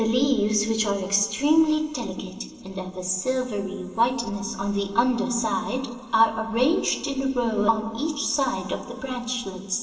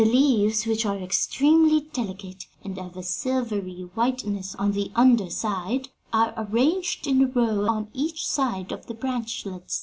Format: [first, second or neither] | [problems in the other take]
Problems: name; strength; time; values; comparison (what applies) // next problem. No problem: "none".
second | room echo; dies away in 2.2 s